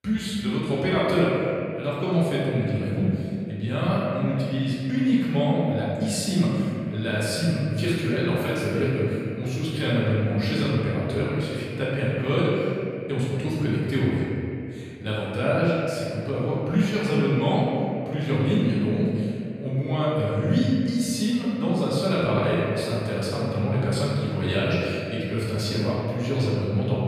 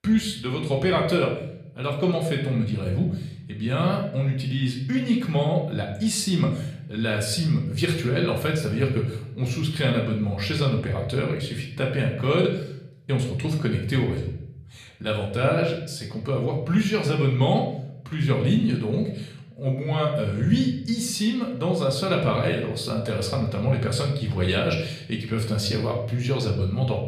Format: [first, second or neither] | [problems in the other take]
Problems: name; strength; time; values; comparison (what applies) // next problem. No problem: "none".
second | room echo; strong; dies away in 2.6 s; slight in the second // off-mic speech; far; somewhat distant in the second